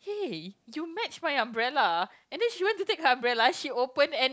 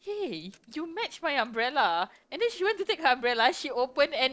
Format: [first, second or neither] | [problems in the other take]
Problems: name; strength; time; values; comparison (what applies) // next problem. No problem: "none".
first | noise reduction (neural separator model SepFormer DNS4)